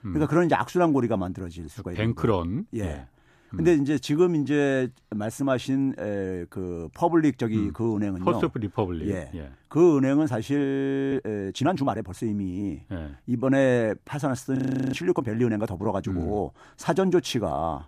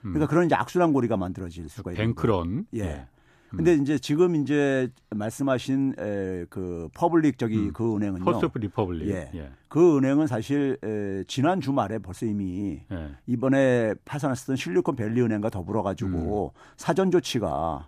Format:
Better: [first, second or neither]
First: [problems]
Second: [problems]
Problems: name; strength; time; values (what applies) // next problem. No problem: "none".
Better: second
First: audio freezing; at 11 s and at 15 s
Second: none